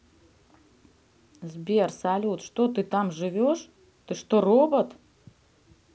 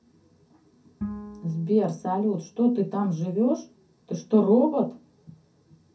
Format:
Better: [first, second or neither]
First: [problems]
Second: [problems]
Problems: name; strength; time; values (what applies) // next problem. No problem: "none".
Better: first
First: none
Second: background sound (Bowed string instrument); 17 dB below the speech // room echo; dies away in 0.3 s